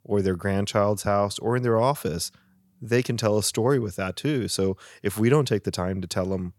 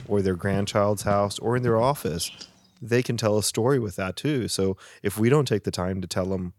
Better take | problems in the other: first | animal sounds; noticeable; until 2.5 s; 15 dB below the speech

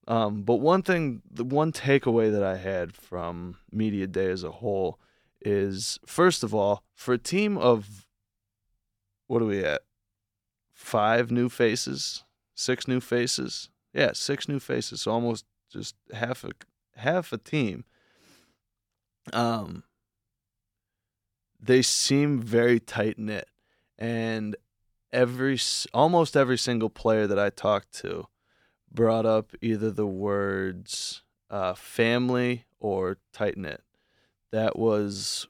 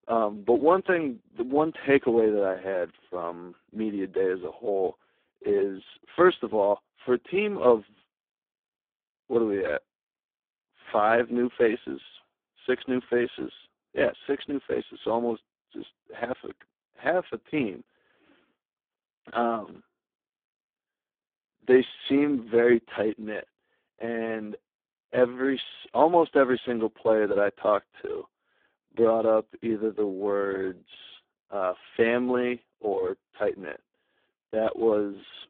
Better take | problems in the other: first | phone-call audio; poor line; nothing above 3.5 kHz

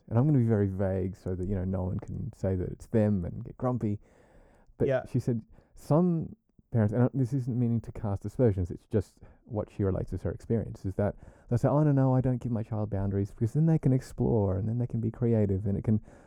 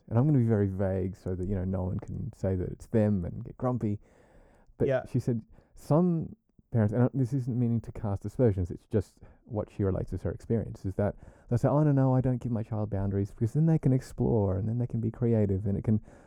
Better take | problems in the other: neither | muffled; very; fading above 1.5 kHz; the same in both

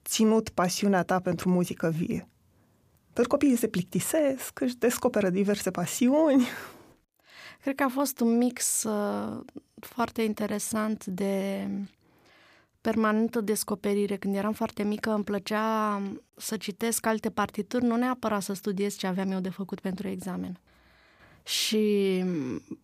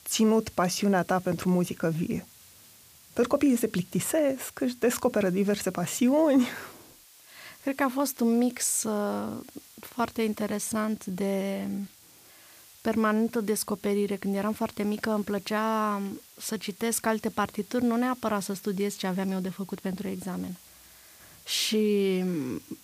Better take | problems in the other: first | hiss; faint; throughout; 25 dB below the speech

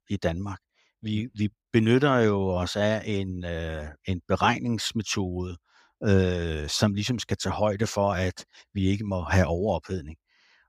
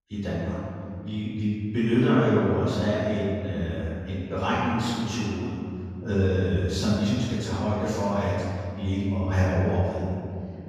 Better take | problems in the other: first | off-mic speech; far // room echo; strong; dies away in 2.5 s

